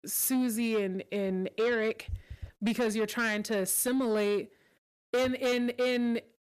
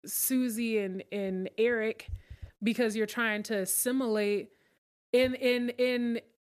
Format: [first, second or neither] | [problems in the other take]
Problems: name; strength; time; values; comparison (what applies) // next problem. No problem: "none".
second | distortion; slight; 10 dB below the speech